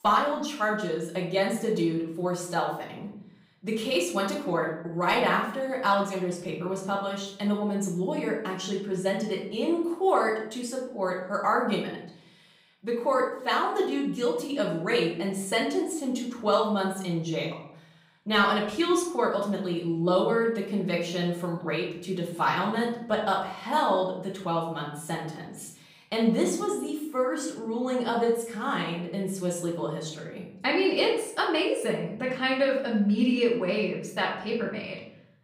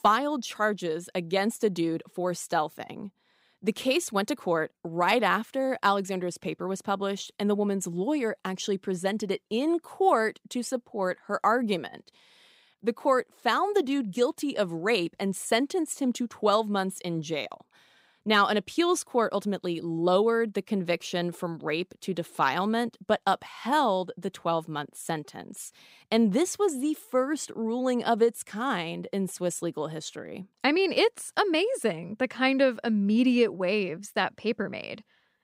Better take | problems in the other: second | off-mic speech; far // room echo; noticeable; dies away in 0.6 s

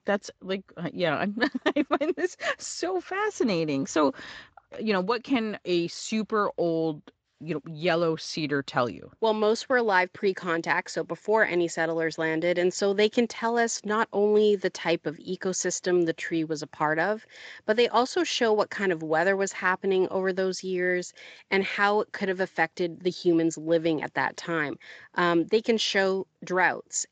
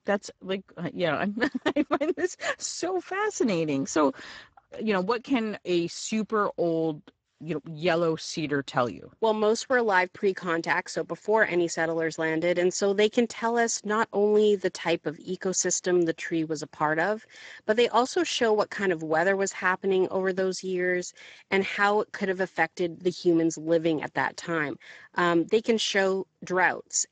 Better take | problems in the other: first | garbled, watery; badly; nothing above 7.5 kHz; slightly in the first

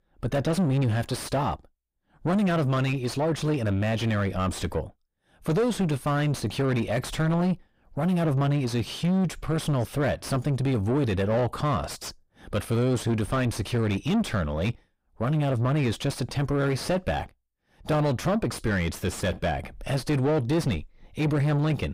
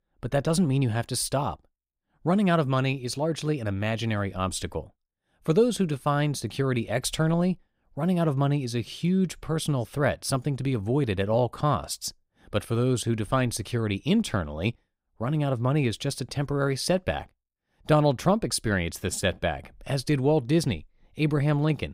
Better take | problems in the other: second | distortion; heavy; 6 dB below the speech

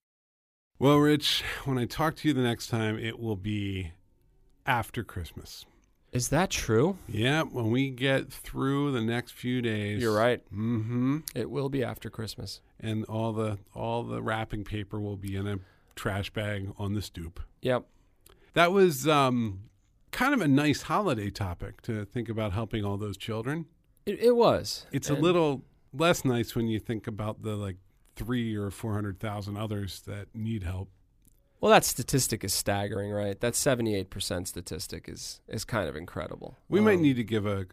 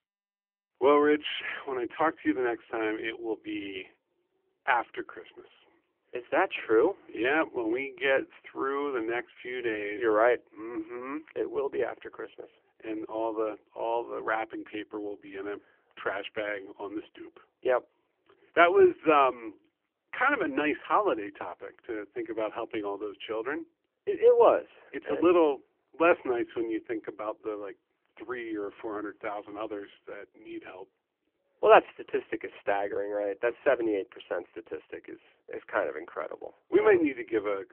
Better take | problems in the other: first | phone-call audio; poor line; nothing above 3 kHz

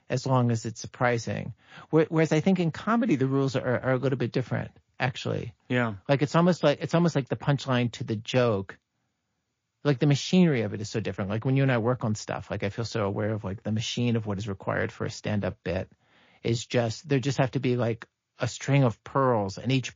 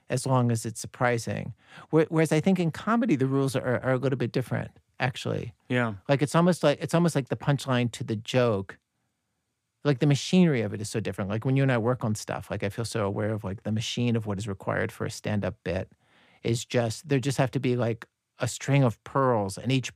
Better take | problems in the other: second | garbled, watery; slightly

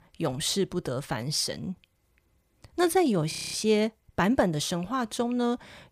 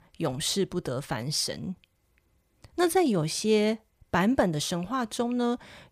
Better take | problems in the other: second | audio freezing; at 3.5 s

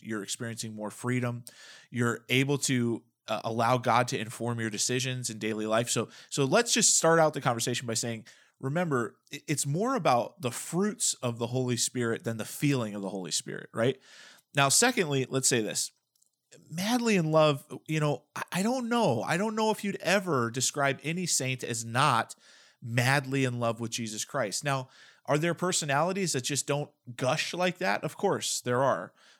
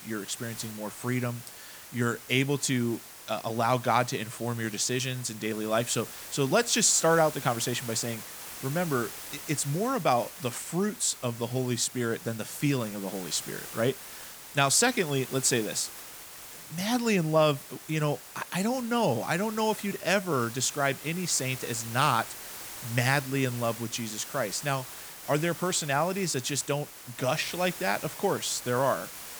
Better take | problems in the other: first | hiss; noticeable; throughout; 10 dB below the speech

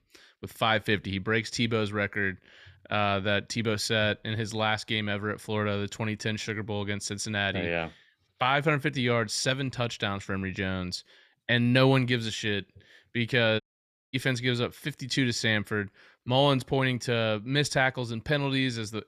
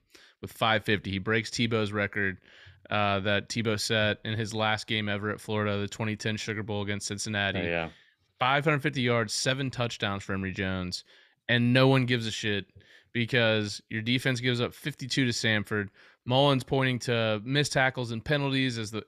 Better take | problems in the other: second | audio cutting out; at 14 s for 0.5 s

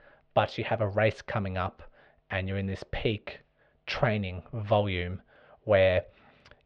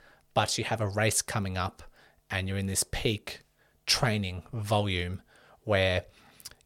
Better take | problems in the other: second | muffled; very; fading above 3 kHz

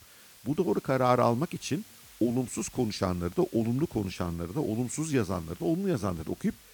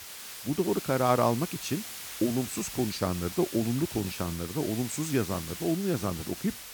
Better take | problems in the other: first | hiss; loud; throughout; 8 dB below the speech; faint in the first

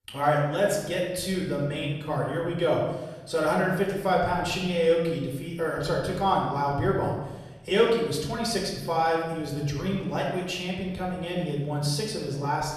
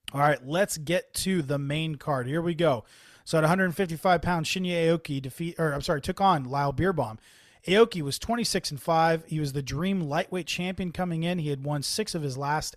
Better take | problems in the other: second | off-mic speech; somewhat distant // room echo; noticeable; dies away in 1 s

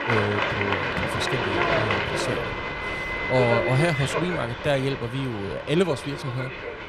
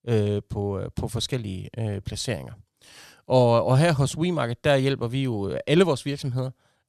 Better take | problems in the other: second | crowd noise; very loud; throughout; as loud as the speech

